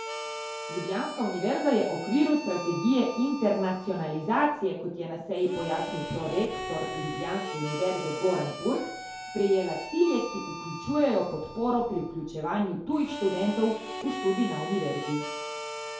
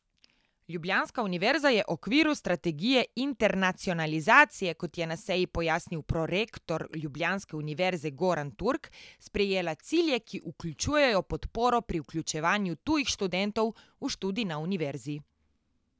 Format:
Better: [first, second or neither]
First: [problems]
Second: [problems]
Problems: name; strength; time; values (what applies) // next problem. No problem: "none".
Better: second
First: background sound (Harmonica); 10 dB below the speech // room echo; dies away in 2.3 s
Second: none